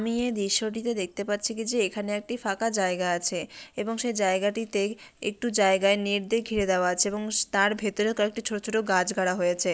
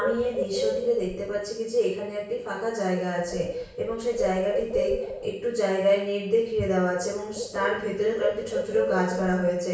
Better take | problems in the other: first | background sound (Bird); 7 dB below the speech // room echo; dies away in 0.6 s

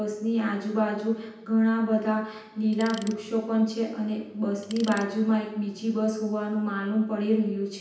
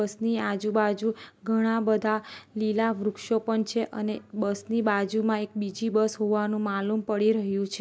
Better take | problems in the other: second | background sound (Tools); 18 dB below the speech // room echo; dies away in 0.9 s

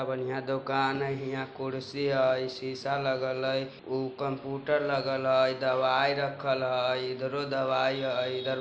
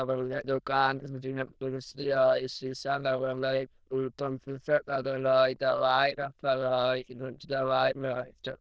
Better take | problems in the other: first | noise reduction (neural diffusion model UNIVERSE++)

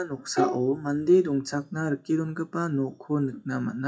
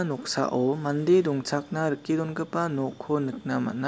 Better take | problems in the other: second | noise reduction (classical method WPE with log-MMSE)

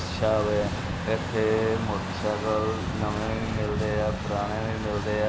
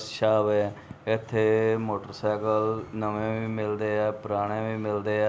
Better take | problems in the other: second | background sound (Truck); 3 dB below the speech

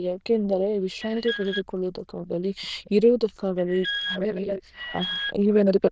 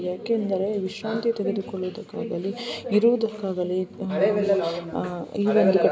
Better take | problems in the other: second | noise reduction (neural diffusion model UNIVERSE++)

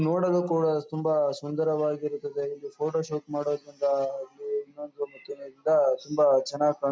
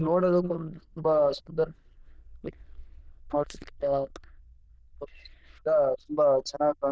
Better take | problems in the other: first | noise reduction (neural diffusion model UNIVERSE++)

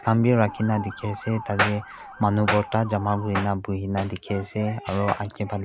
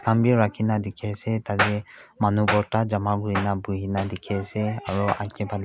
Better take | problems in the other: second | background sound (Motor vehicle (road) / Siren); 16 dB below the speech

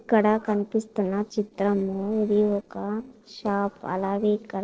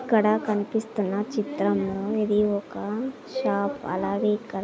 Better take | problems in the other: second | noise reduction (neural separator model SepFormer DNS4)

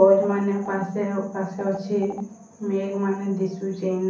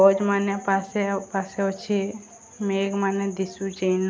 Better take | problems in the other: second | background sound (Telephone); 19 dB below the speech // room echo; dies away in 0.6 s

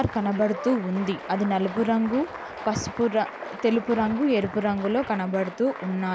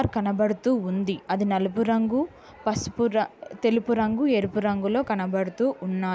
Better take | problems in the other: second | background sound (Applause); 13 dB below the speech

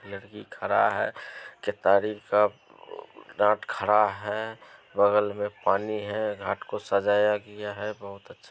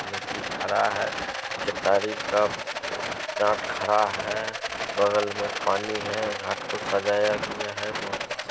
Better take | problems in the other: first | background sound (Rattle); 4 dB below the speech

